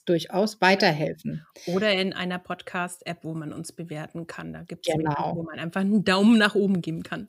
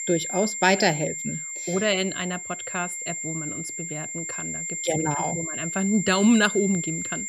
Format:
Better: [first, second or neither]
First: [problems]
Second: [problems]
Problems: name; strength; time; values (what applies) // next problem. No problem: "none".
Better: first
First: none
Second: high-pitched whine; loud; throughout; 7.5 kHz, 5 dB below the speech